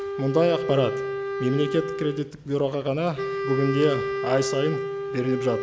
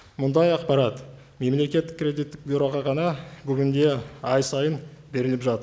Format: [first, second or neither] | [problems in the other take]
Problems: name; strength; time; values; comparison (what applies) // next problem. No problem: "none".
second | background sound (Wind instrument, woodwind instrument); 4 dB below the speech